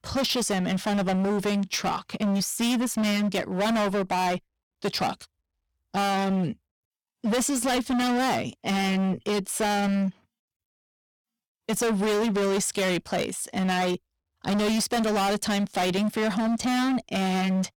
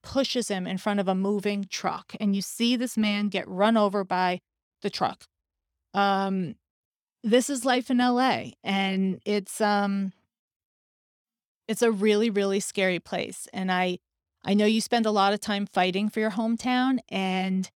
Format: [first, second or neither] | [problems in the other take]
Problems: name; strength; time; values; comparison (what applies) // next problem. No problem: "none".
second | distortion; heavy; 29% of the sound clipped